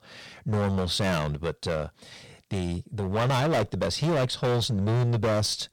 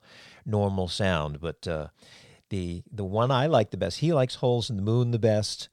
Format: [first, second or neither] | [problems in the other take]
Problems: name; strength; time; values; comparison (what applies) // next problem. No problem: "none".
second | distortion; heavy; 19% of the sound clipped